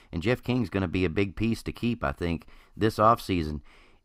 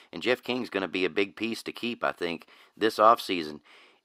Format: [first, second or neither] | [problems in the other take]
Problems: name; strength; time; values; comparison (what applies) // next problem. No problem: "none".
first | thin; somewhat; fading below 400 Hz